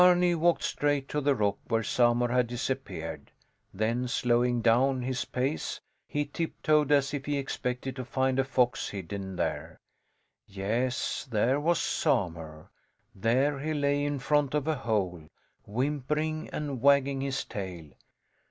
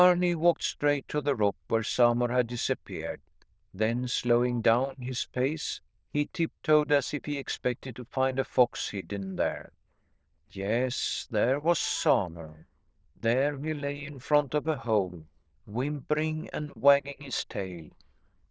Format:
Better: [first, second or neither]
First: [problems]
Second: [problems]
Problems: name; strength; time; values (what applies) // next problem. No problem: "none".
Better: first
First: none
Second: noise reduction (neural diffusion model UNIVERSE++)